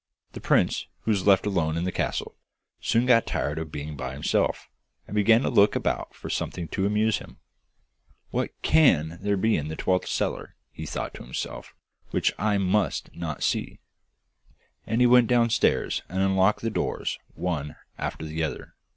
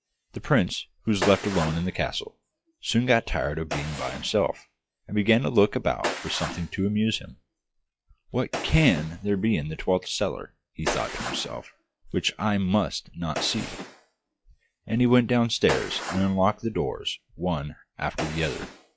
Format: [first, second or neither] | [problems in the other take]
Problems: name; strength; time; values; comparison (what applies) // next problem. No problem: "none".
first | noise reduction (classical method log-MMSE)